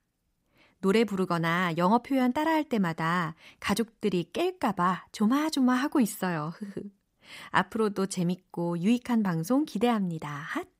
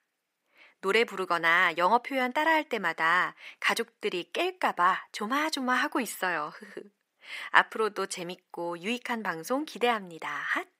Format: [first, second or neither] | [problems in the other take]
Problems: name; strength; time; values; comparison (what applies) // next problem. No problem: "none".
first | thin; somewhat; fading below 450 Hz